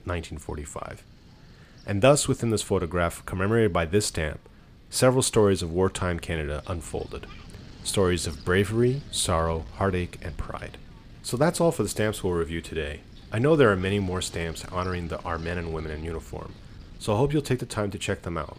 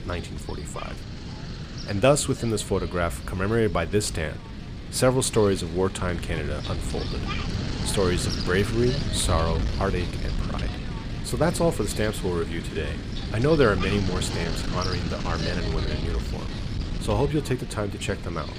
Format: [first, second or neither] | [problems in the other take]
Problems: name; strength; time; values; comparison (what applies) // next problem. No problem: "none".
first | wind noise on the microphone; heavy; 9 dB below the speech; occasional gusts in the first